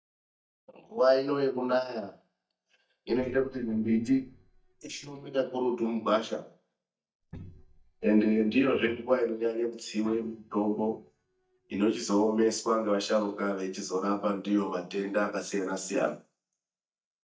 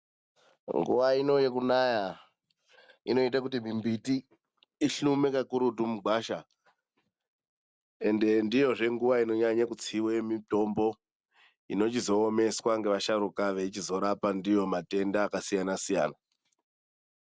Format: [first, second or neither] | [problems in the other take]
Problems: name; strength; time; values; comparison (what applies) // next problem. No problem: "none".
second | noise reduction (neural mask model DeepFilterNet 3)